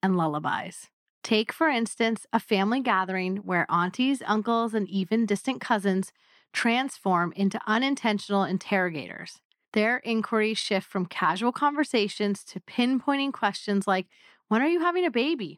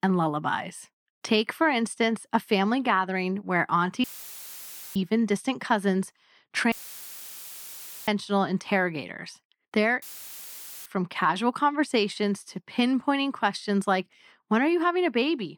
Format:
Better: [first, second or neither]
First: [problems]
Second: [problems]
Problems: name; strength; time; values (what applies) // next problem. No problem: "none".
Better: first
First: none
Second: audio cutting out; filled with static; at 4 s for 1 s, at 6.5 s for 1.5 s and at 10 s for 1 s